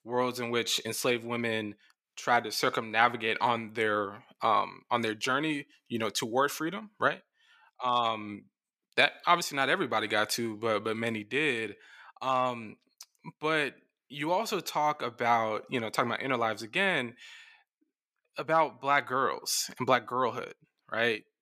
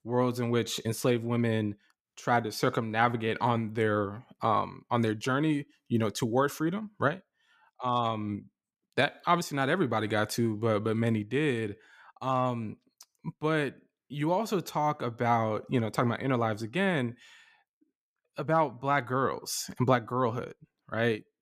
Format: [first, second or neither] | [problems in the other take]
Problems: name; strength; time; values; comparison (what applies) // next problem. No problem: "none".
second | thin; somewhat; fading below 650 Hz